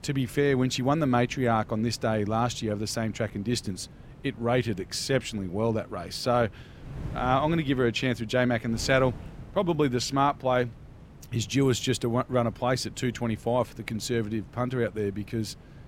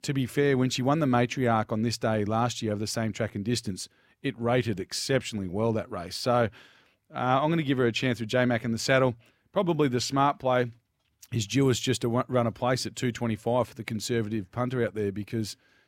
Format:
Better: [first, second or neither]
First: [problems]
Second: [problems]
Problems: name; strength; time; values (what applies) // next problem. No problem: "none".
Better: second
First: wind noise on the microphone; occasional gusts; 25 dB below the speech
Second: none